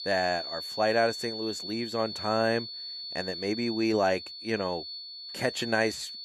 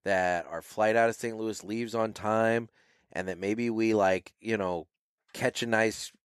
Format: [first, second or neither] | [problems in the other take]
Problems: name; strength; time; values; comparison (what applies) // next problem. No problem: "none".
second | high-pitched whine; loud; throughout; 4.5 kHz, 7 dB below the speech